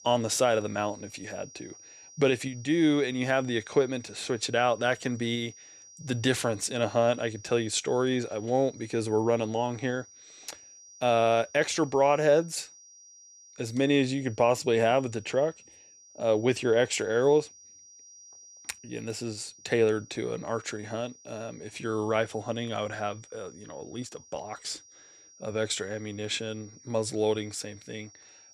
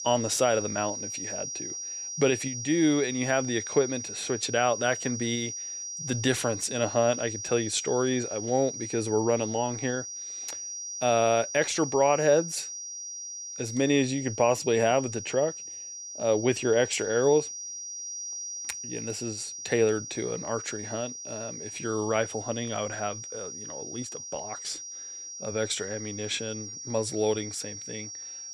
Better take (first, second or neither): first